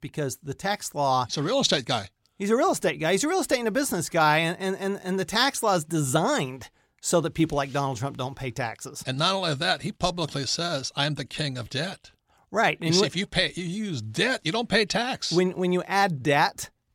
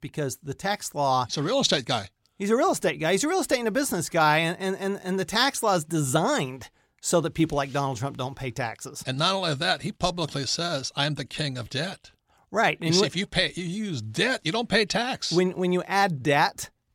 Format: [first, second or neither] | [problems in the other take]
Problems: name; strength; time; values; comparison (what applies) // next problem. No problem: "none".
neither | none